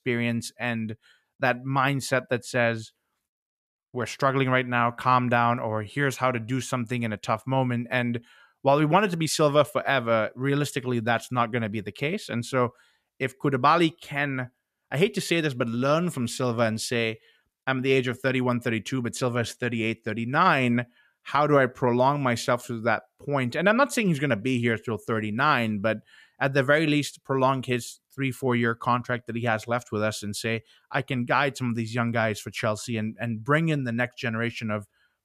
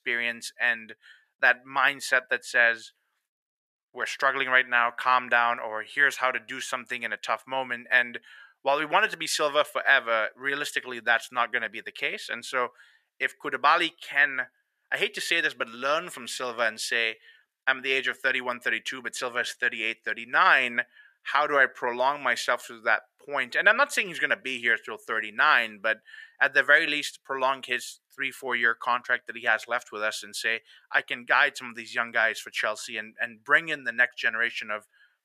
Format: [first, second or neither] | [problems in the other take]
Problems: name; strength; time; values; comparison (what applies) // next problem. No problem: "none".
first | thin; very; fading below 550 Hz